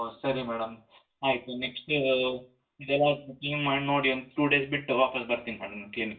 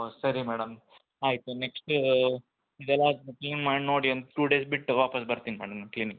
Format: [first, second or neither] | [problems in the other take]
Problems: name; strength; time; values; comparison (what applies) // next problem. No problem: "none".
second | room echo; dies away in 0.2 s